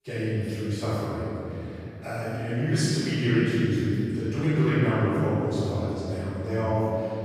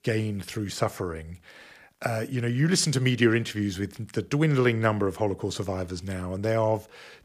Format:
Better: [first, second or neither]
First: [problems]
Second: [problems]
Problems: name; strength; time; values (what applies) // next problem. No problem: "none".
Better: second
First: room echo; strong; dies away in 3 s // off-mic speech; far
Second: none